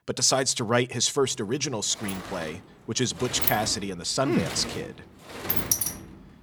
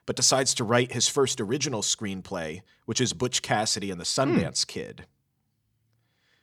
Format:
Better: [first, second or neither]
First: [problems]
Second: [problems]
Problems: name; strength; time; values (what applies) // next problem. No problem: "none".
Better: second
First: door banging; loud; from 2 to 6 s; peak 3 dB above the speech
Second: none